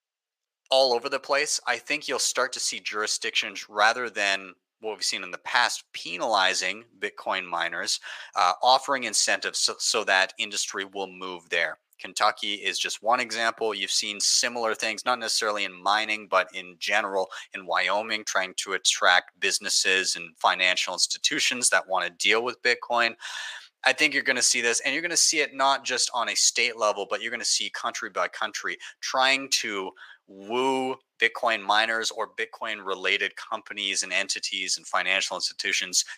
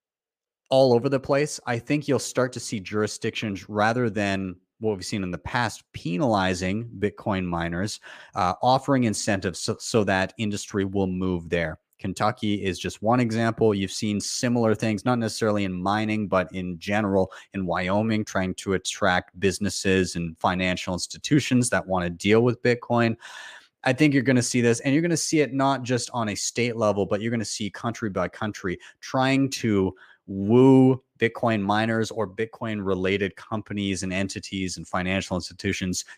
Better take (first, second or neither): second